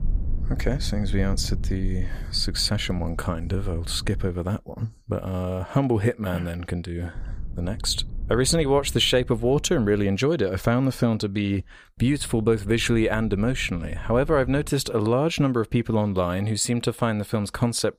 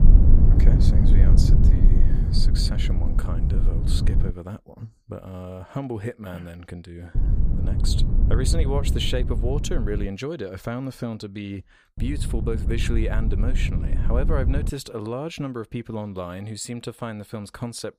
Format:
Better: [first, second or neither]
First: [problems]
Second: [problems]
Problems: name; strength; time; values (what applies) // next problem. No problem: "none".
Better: first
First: low rumble; faint; until 4.5 s, from 7 to 10 s and from 12 to 15 s; 25 dB below the speech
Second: low rumble; loud; until 4.5 s, from 7 to 10 s and from 12 to 15 s; 4 dB below the speech